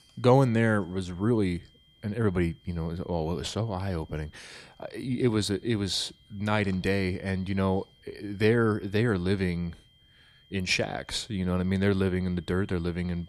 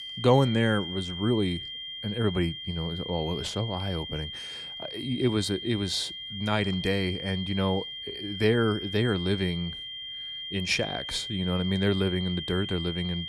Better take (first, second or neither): first